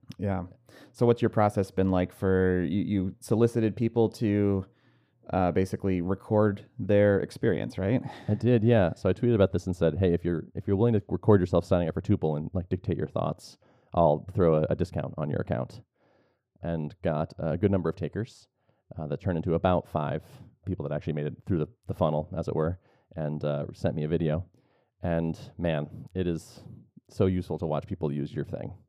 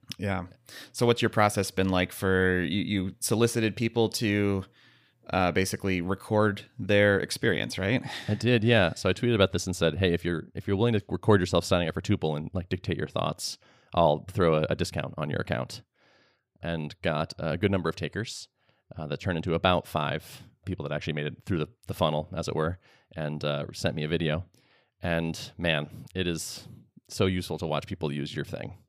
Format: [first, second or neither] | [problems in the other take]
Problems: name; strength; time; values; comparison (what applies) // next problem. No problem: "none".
second | muffled; slightly; fading above 1.5 kHz